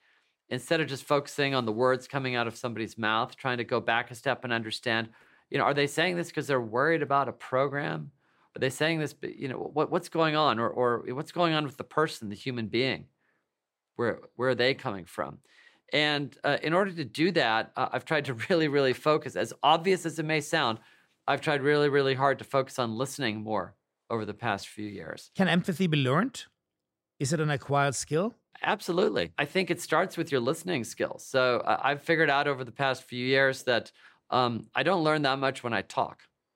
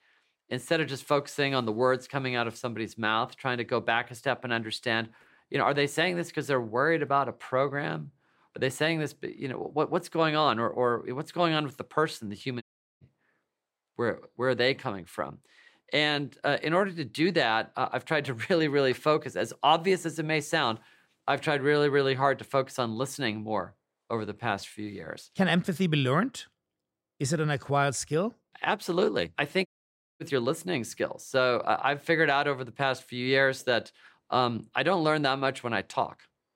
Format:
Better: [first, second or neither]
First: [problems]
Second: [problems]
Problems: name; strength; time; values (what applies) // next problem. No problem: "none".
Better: first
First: none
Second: audio cutting out; at 13 s and at 30 s for 0.5 s